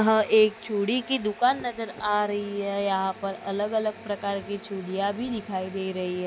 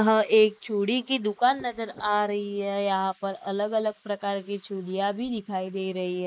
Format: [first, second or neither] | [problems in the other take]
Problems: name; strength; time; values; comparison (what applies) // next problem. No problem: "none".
first | noise reduction (neural mask model Resemble Enhance denoiser)